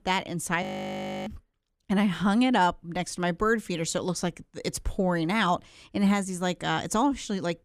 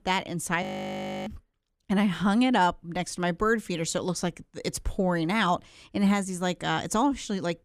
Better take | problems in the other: neither | audio freezing; at 0.5 s for 0.5 s; the same in both

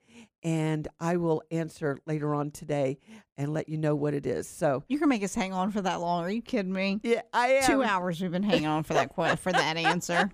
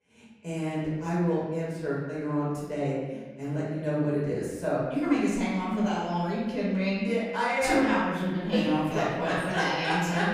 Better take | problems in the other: first | room echo; noticeable; dies away in 1.2 s // off-mic speech; far

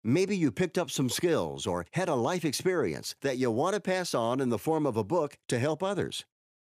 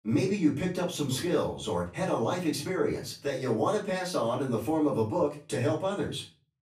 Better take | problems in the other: first | room echo; slight; dies away in 0.3 s // off-mic speech; far

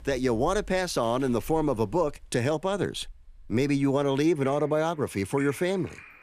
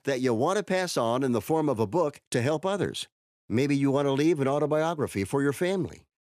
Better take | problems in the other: second | rain or running water; faint; throughout; 20 dB below the speech

